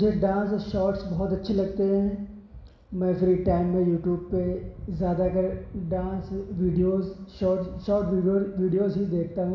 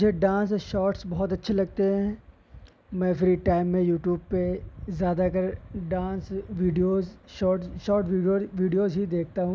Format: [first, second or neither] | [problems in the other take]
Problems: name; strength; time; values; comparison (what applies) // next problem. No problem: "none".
second | room echo; dies away in 0.9 s